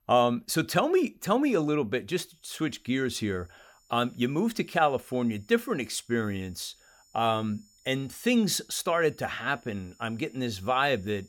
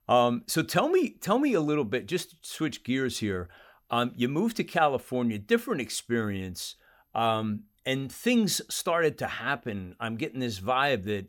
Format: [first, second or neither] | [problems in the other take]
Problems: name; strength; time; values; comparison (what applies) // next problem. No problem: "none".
second | high-pitched whine; faint; from 2 s on; 7 kHz, 30 dB below the speech